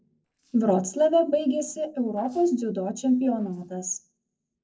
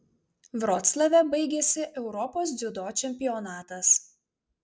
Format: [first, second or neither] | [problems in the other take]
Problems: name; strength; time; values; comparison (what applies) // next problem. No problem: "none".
second | noise reduction (neural separator model SepFormer DNS4)